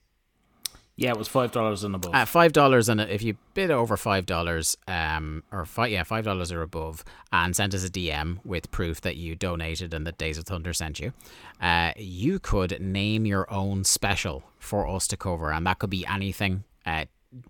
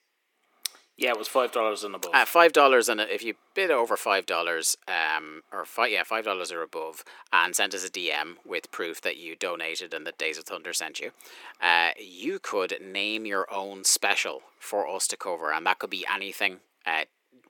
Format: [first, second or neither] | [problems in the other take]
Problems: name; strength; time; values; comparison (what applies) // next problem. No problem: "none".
first | thin; very; fading below 350 Hz